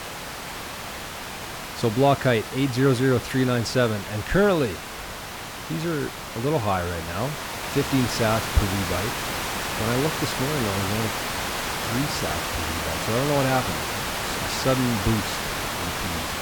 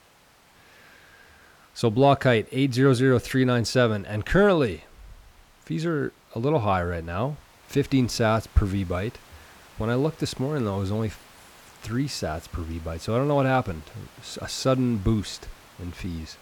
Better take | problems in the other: second | hiss; loud; throughout; 4 dB below the speech; faint in the second

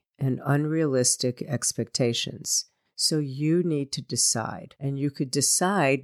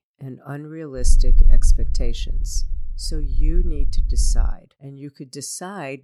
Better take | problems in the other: first | low rumble; noticeable; from 1 to 4.5 s; 15 dB below the speech

